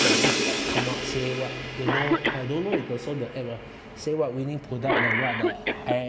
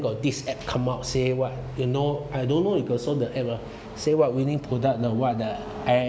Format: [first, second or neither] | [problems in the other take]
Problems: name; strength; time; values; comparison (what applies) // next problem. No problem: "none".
second | background sound (Crash cymbal + Cough); 2 dB above the speech